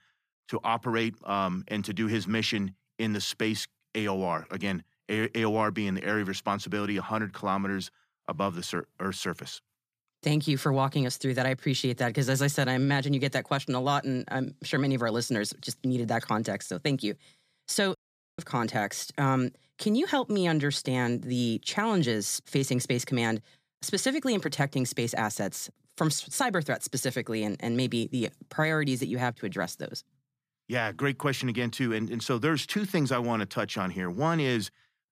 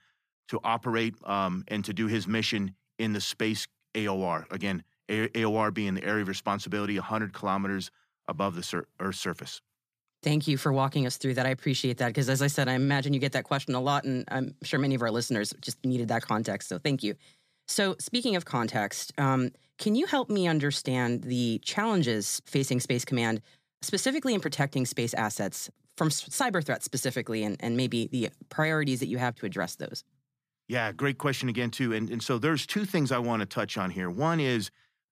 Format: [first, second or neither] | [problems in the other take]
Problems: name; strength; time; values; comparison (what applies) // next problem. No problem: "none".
second | audio cutting out; at 18 s